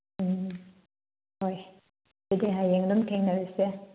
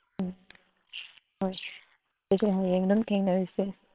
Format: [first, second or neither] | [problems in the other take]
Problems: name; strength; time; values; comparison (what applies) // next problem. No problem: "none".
first | noise reduction (neural separator model SepFormer WHAM!)